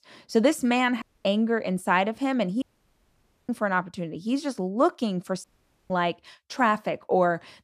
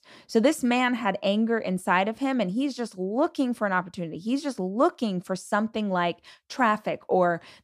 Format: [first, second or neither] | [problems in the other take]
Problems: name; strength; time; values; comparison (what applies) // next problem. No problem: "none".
second | audio cutting out; at 1 s, at 2.5 s for 1 s and at 5.5 s